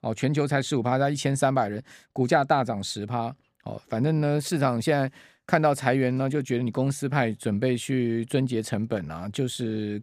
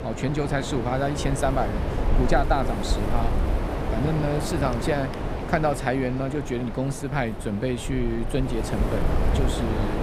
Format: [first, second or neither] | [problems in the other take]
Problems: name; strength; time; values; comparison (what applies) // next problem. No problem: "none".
first | wind noise on the microphone; heavy; 4 dB below the speech